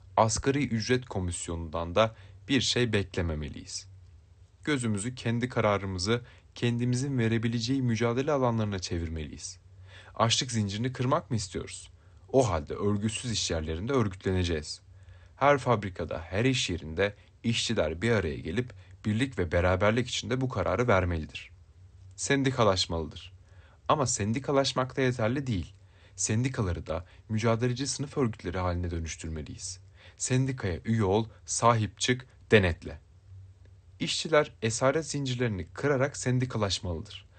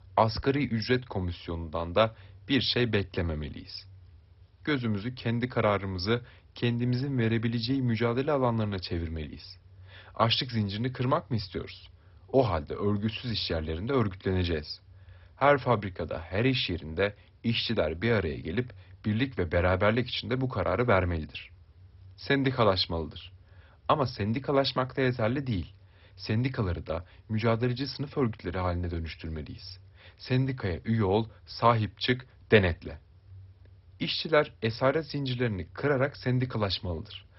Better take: first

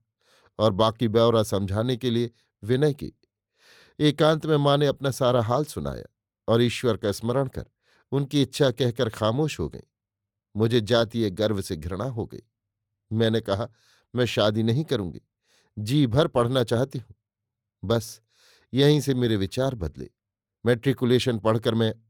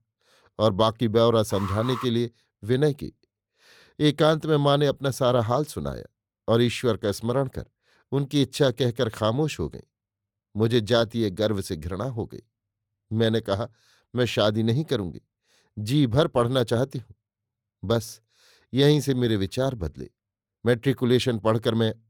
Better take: first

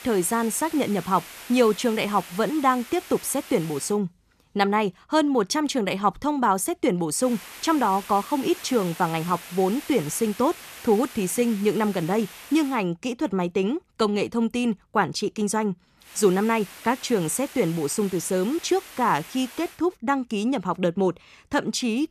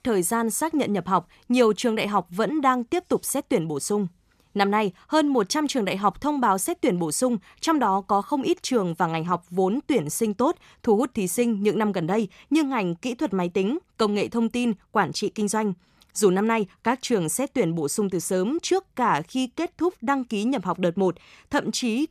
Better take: second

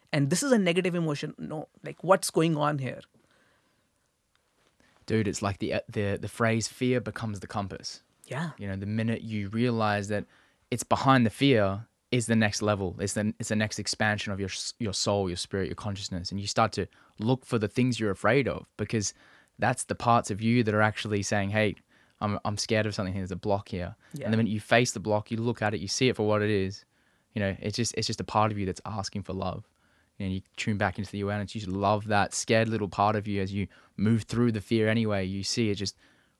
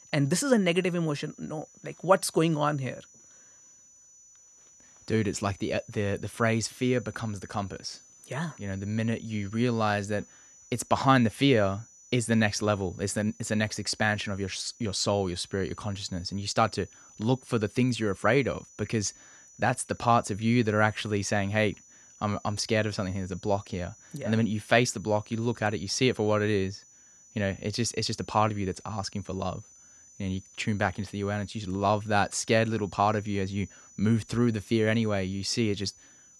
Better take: first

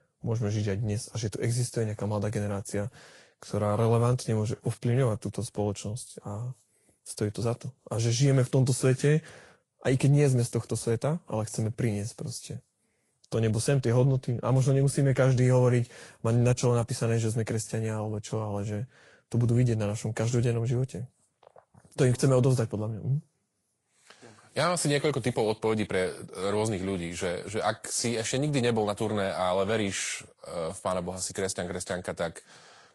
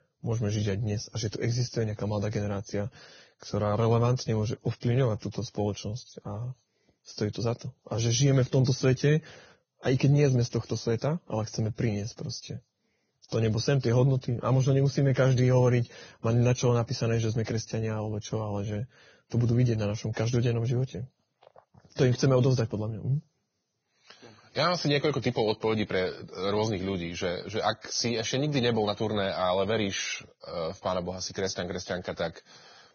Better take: first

